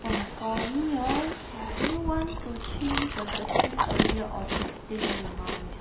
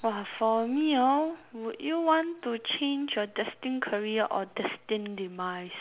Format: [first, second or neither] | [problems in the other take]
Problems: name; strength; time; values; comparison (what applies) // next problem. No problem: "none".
second | background sound (Chewing, mastication); 2 dB above the speech // room echo; dies away in 0.7 s